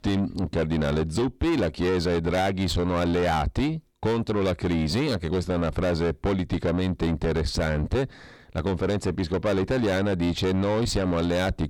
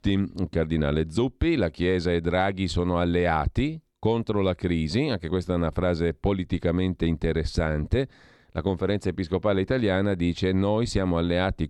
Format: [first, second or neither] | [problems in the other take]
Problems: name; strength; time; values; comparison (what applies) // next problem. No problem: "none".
second | distortion; heavy; 7 dB below the speech